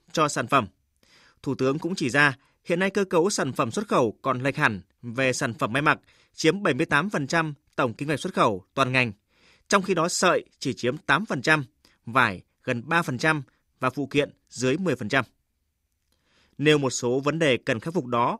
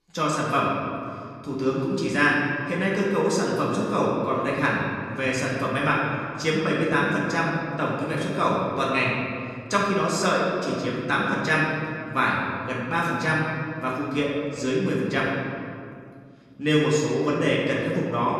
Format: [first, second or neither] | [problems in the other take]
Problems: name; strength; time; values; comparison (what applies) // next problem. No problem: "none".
first | off-mic speech; far // room echo; noticeable; dies away in 2.2 s